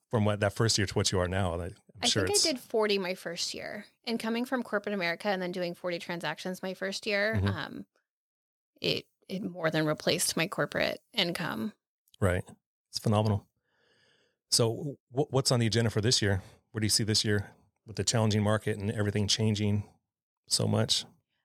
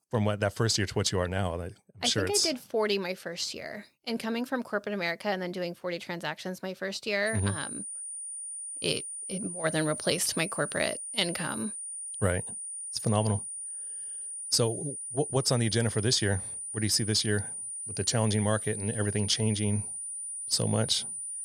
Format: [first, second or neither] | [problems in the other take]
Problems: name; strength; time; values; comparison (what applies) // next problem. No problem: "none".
first | high-pitched whine; loud; from 7.5 s on; 9.5 kHz, 6 dB below the speech